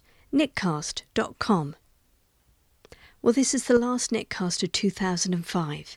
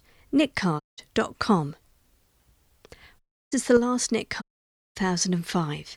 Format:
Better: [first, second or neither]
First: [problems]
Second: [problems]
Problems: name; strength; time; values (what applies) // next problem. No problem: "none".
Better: first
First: none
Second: audio cutting out; at 1 s, at 3 s and at 4.5 s for 0.5 s